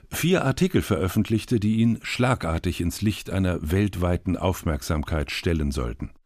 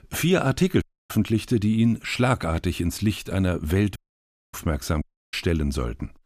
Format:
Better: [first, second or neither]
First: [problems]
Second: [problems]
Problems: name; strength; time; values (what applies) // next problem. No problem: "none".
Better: first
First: none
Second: audio cutting out; at 1 s, at 4 s for 0.5 s and at 5 s